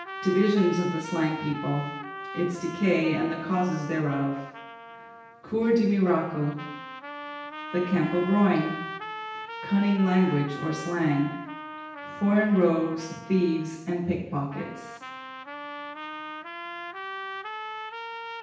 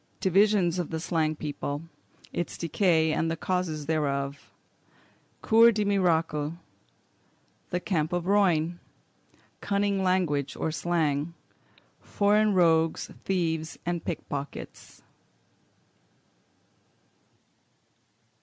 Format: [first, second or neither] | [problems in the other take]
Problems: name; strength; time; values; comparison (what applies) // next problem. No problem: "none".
second | background sound (Trumpet); 11 dB below the speech // room echo; dies away in 0.9 s